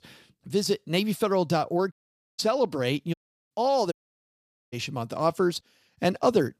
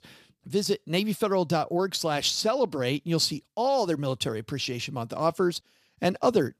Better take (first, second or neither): second